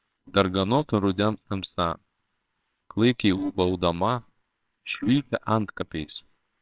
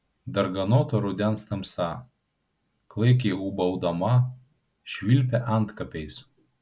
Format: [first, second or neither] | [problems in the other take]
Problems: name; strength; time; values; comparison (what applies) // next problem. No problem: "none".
second | noise reduction (neural separator model SepFormer WHAMR!)